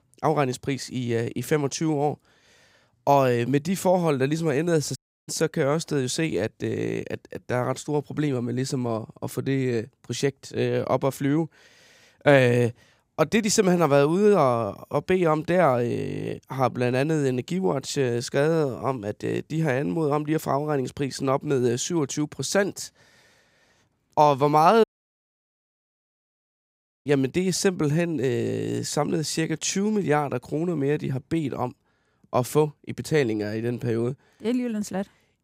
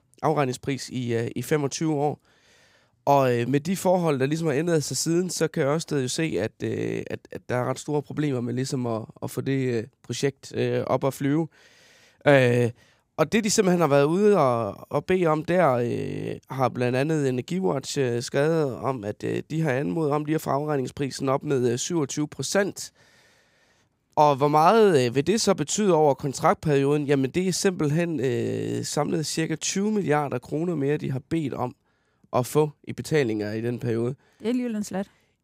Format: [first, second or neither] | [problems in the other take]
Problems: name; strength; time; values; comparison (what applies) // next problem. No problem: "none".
second | audio cutting out; at 5 s and at 25 s for 2 s